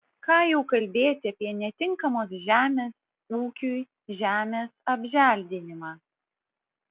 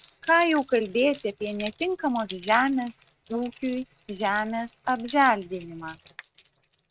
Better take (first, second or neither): first